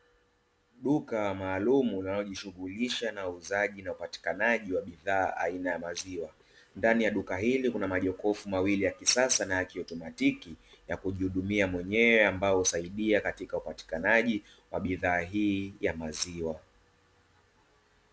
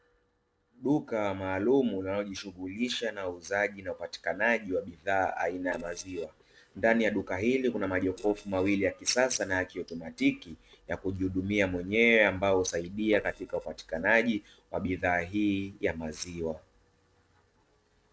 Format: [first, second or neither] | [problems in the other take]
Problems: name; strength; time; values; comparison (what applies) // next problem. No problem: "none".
first | noise reduction (neural separator model SepFormer DNS4)